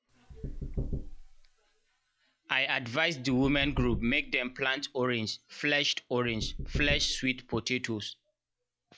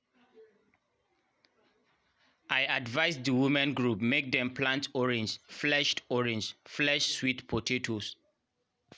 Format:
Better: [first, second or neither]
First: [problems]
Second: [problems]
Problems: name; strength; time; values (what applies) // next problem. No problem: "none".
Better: second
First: noise reduction (classical method log-MMSE)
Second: none